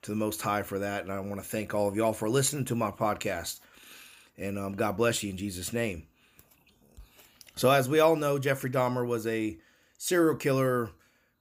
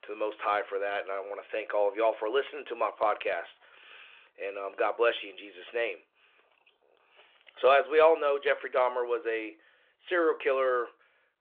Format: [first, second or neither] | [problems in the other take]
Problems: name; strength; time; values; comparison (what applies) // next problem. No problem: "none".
first | phone-call audio; nothing above 3.5 kHz